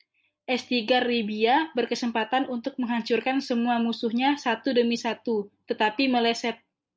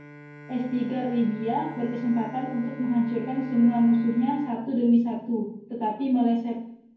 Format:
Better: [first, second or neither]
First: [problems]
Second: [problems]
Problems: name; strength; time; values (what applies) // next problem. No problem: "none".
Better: first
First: none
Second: background sound (Bowed string instrument); 18 dB below the speech // room echo; dies away in 0.9 s